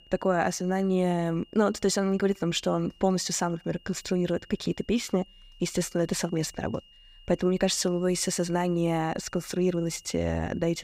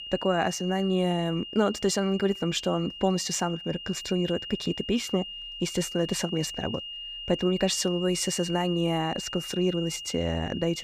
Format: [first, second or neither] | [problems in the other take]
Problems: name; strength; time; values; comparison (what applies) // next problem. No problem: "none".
first | high-pitched whine; loud; throughout; 3 kHz, 9 dB below the speech; faint in the first